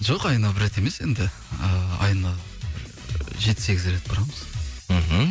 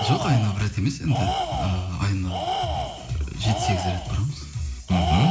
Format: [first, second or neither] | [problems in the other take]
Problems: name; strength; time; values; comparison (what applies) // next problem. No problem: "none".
first | background sound (Tools); 6 dB below the speech // room echo; dies away in 0.4 s